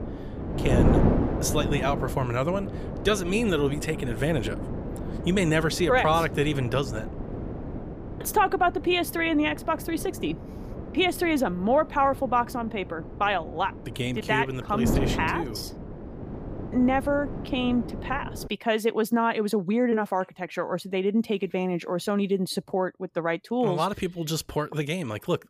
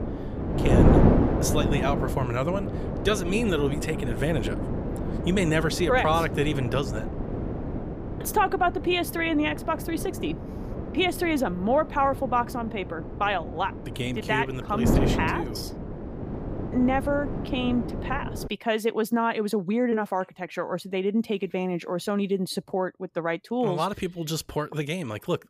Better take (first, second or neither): first